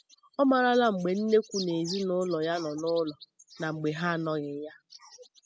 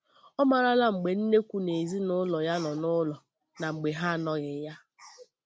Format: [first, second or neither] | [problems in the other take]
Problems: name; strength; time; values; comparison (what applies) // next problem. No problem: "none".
second | noise reduction (classical method spectral subtraction)